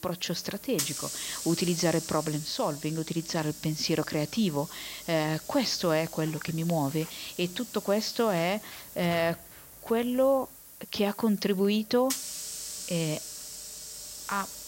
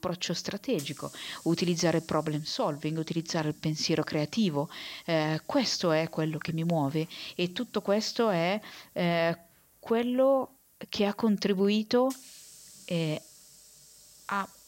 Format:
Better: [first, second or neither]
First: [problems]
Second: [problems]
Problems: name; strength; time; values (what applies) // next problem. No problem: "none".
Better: second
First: hiss; loud; throughout; 9 dB below the speech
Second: hiss; faint; throughout; 20 dB below the speech